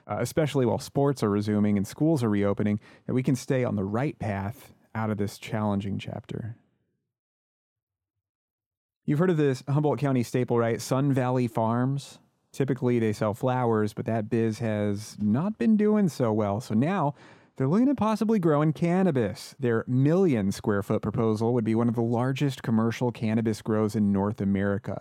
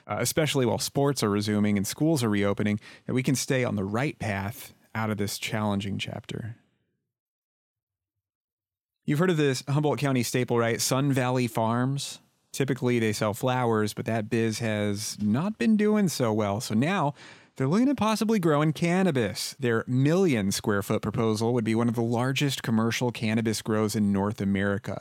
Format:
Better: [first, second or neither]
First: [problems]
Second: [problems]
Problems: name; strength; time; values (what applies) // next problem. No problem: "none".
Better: second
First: muffled; slightly; fading above 1.5 kHz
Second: none